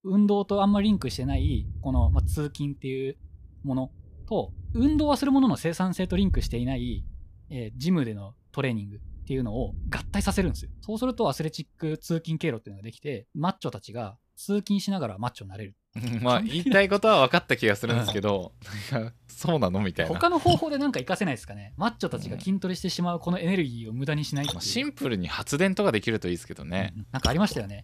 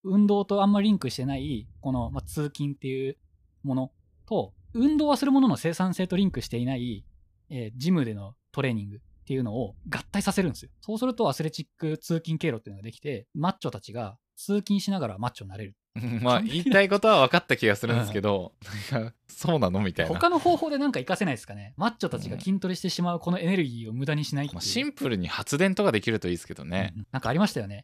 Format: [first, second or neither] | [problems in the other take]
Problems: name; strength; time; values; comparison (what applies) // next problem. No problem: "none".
second | rain or running water; loud; throughout; 6 dB below the speech; faint in the second